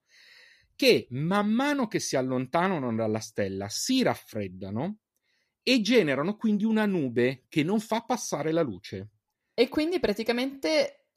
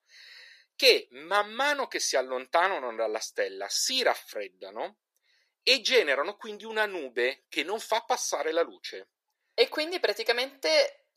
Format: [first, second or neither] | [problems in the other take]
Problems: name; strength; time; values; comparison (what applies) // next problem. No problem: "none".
first | thin; very; fading below 450 Hz